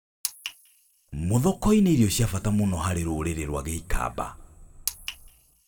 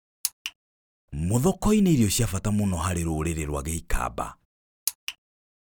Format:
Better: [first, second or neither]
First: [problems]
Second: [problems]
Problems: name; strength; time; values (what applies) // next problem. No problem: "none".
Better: second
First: room echo; dies away in 2.3 s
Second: none